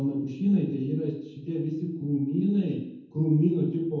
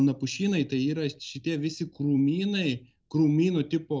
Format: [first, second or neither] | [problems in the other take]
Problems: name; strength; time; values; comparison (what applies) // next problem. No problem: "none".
second | room echo; dies away in 0.9 s